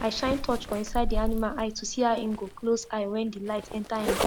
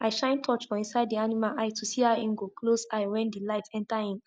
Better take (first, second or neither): second